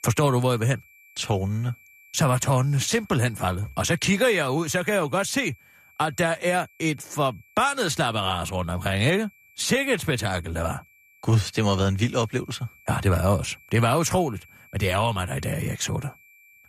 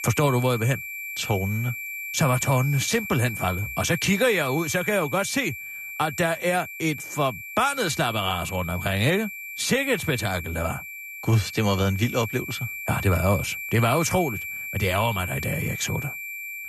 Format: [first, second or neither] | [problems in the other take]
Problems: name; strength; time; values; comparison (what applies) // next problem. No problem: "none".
first | high-pitched whine; loud; throughout; 2.5 kHz, 8 dB below the speech; faint in the first